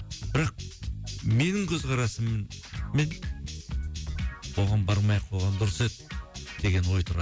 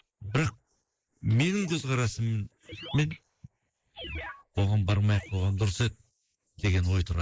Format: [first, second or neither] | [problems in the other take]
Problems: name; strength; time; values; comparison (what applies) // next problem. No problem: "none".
first | noise reduction (neural mask model Resemble Enhance denoiser)